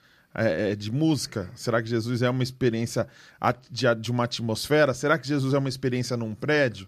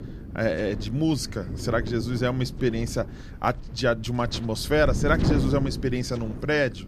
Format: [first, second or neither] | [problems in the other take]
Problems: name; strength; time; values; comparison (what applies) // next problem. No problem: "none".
first | wind noise on the microphone; occasional gusts; 10 dB below the speech